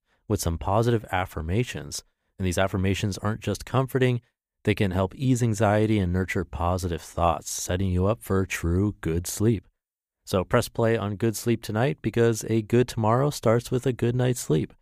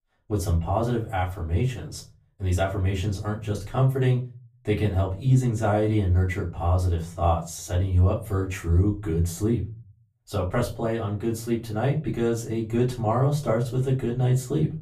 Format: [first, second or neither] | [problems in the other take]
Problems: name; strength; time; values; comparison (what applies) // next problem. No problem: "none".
first | off-mic speech; far // room echo; slight; dies away in 0.3 s